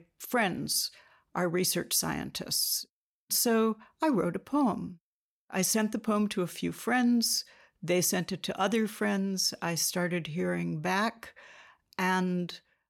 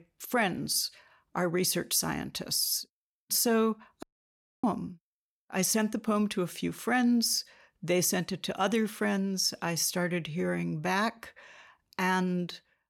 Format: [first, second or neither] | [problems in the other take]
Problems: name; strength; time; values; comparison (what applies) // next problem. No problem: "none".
first | audio cutting out; at 4 s for 0.5 s